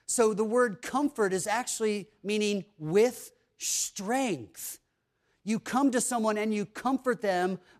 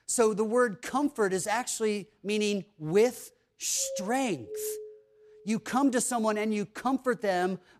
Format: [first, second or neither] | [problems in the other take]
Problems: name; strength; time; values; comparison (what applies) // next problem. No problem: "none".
first | doorbell; noticeable; from 4 to 5.5 s; peak 9 dB below the speech